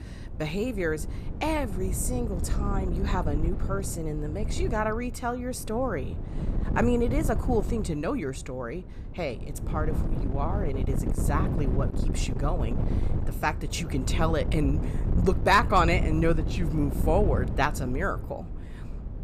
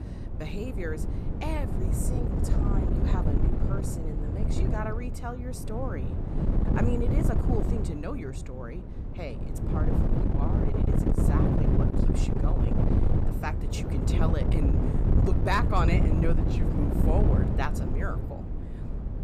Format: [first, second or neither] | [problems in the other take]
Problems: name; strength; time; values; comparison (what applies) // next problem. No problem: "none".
first | wind noise on the microphone; heavy; 1 dB below the speech; occasional gusts in the first